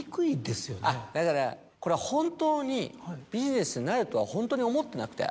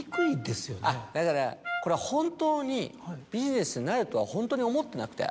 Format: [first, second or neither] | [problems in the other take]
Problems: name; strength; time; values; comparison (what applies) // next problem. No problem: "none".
first | background sound (Trumpet); 11 dB below the speech